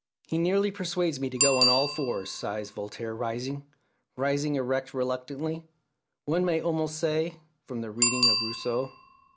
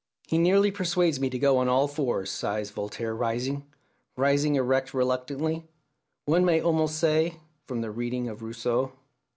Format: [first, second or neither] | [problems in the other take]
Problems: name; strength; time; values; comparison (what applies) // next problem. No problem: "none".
second | background sound (Bicycle bell); 4 dB below the speech